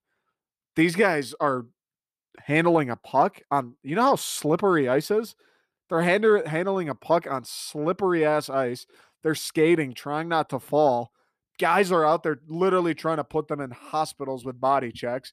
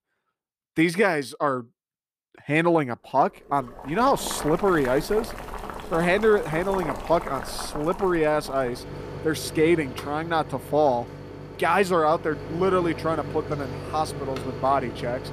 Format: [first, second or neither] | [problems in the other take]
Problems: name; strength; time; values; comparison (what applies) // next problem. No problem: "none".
first | household noises; noticeable; from 3.5 s on; 10 dB below the speech